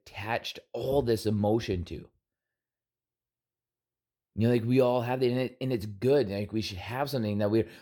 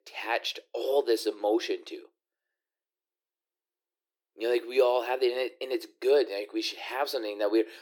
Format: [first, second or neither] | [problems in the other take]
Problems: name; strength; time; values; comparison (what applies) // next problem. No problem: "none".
first | thin; very; fading below 300 Hz